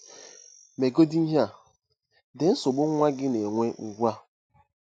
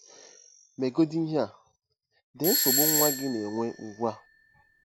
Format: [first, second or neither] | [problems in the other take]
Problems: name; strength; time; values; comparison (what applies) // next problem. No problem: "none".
first | background sound (Doorbell); 1 dB above the speech